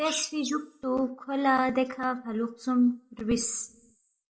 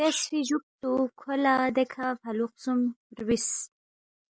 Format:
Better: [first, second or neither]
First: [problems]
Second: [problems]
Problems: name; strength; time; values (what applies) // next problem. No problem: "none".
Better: second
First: room echo; dies away in 0.3 s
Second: none